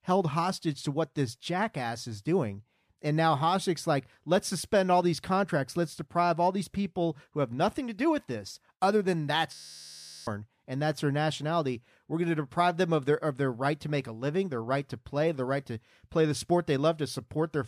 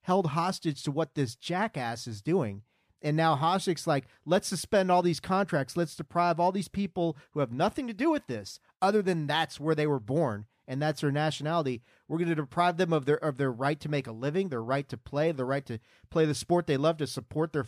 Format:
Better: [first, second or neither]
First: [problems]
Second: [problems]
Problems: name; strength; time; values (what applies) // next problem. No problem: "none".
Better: second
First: audio freezing; at 9.5 s for 0.5 s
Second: none